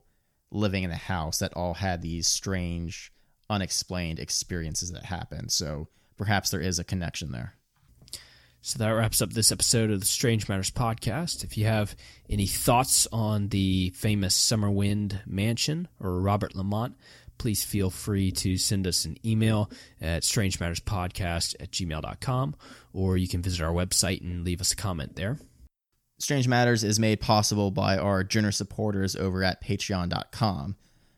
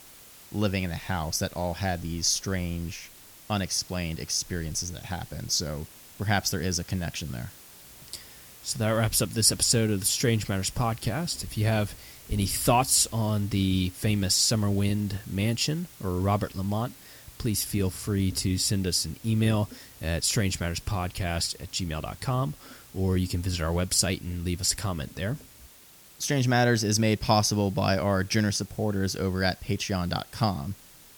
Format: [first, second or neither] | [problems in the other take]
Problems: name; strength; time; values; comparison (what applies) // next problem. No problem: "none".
first | hiss; faint; throughout; 20 dB below the speech